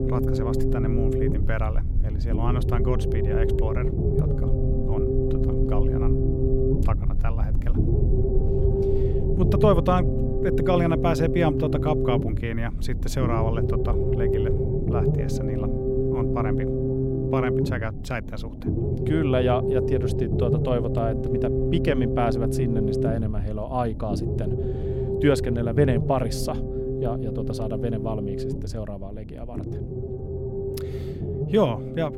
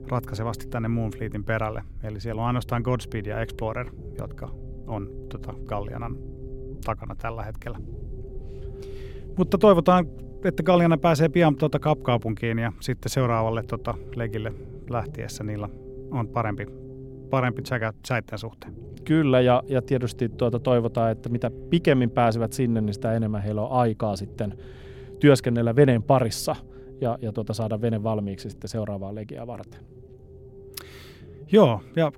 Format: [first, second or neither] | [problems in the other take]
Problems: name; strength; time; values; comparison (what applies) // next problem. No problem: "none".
second | low rumble; loud; throughout; 2 dB below the speech; faint in the second